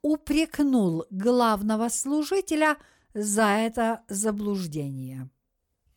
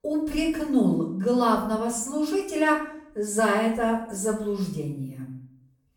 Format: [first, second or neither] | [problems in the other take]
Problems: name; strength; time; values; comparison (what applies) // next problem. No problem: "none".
first | off-mic speech; far // room echo; noticeable; dies away in 0.6 s